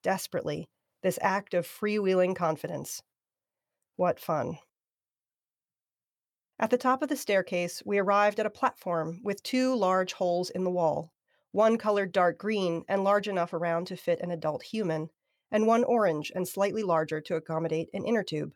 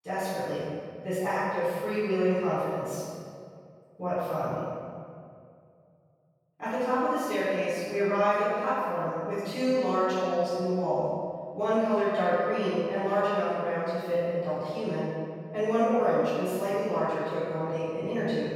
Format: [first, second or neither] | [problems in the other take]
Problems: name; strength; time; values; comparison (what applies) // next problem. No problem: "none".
first | off-mic speech; far // room echo; strong; dies away in 1.9 s